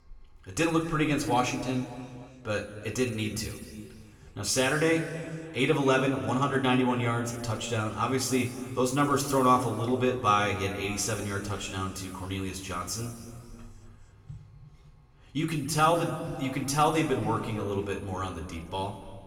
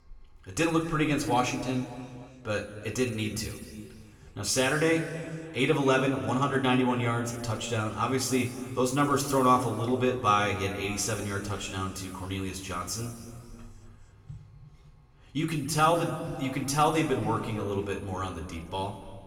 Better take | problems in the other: neither | room echo; noticeable; dies away in 1.9 s; the same in both // off-mic speech; somewhat distant; the same in both

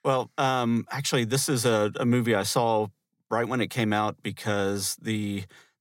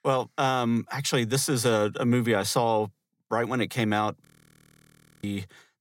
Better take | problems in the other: first | audio freezing; at 4.5 s for 1 s

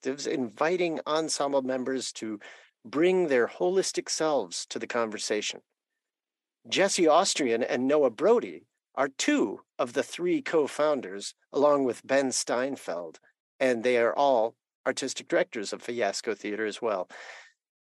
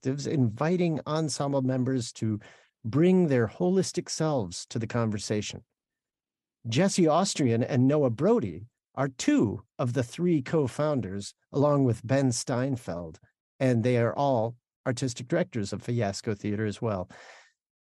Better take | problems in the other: second | thin; somewhat; fading below 350 Hz

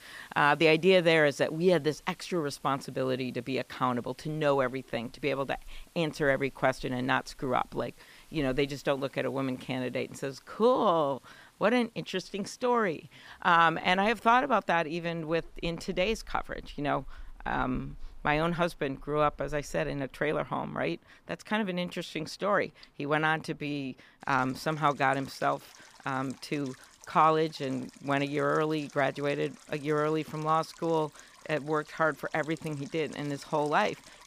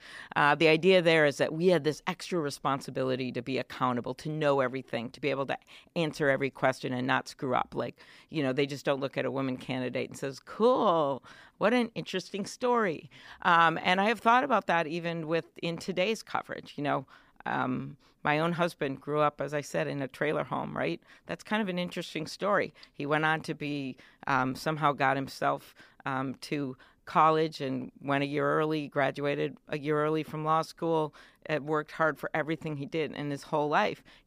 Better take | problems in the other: second | rain or running water; faint; throughout; 25 dB below the speech

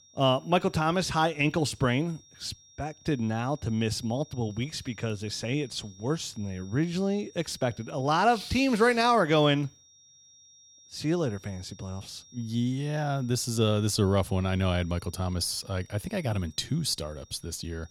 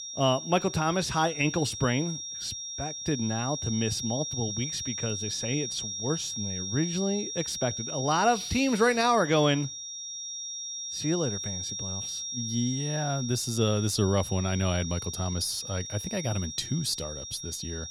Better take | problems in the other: first | high-pitched whine; loud; throughout; 5.5 kHz, 5 dB below the speech; faint in the first

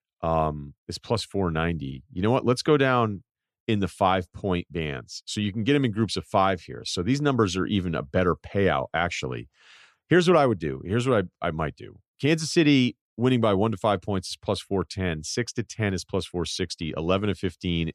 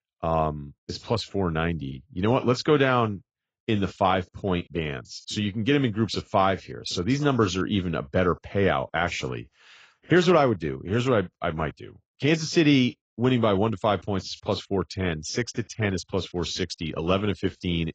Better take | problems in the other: first | garbled, watery; badly; nothing above 7.5 kHz

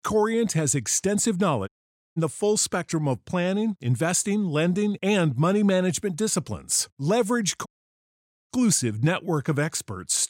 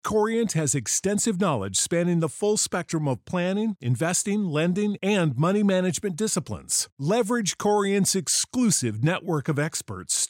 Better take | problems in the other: second | audio cutting out; at 1.5 s and at 7.5 s for 1 s

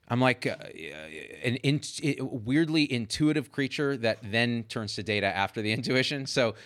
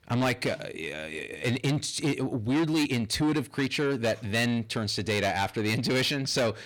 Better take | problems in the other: first | distortion; heavy; 7 dB below the speech

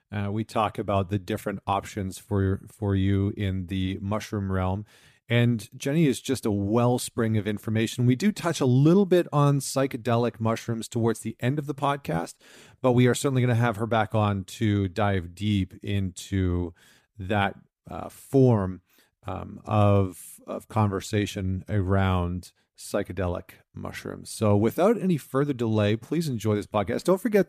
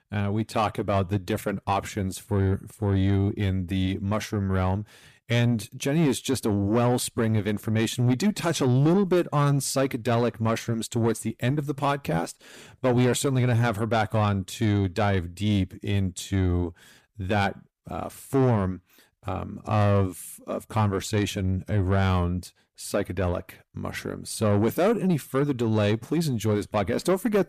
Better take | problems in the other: first | distortion; slight; 10 dB below the speech

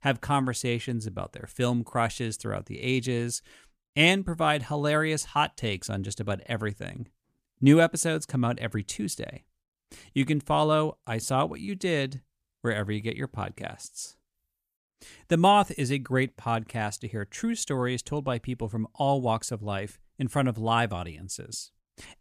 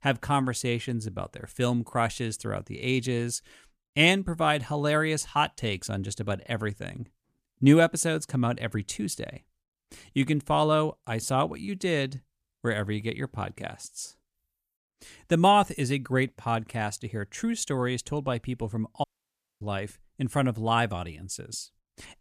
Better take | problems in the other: first | audio cutting out; at 19 s for 0.5 s

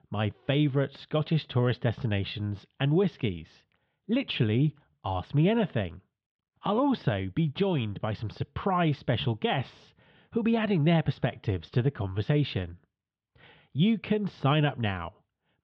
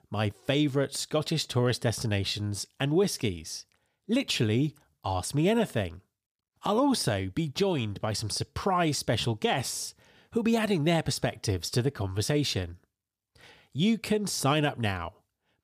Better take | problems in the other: second | muffled; very; fading above 3.5 kHz

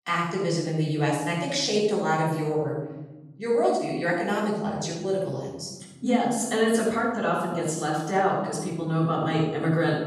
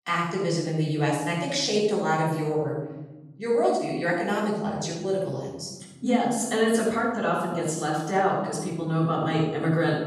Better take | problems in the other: neither | off-mic speech; far; the same in both // room echo; noticeable; dies away in 1.3 s; the same in both

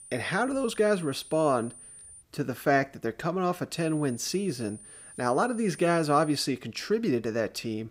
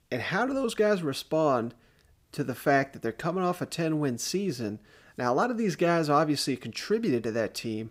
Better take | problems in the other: second | high-pitched whine; noticeable; until 2 s and from 4 to 6.5 s; 9.5 kHz, 20 dB below the speech

